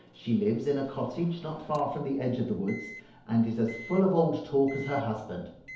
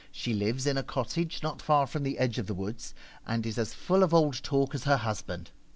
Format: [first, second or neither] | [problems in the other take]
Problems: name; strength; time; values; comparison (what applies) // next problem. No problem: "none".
second | background sound (Microwave oven); 20 dB below the speech // room echo; dies away in 2.2 s